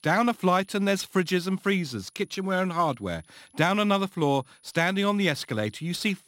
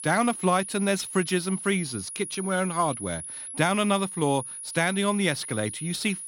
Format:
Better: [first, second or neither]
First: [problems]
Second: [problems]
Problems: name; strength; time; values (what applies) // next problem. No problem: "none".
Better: first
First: high-pitched whine; faint; throughout; 10.5 kHz, 35 dB below the speech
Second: high-pitched whine; loud; throughout; 10.5 kHz, 8 dB below the speech